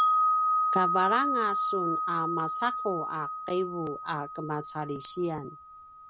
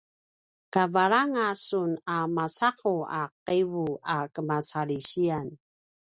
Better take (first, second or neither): second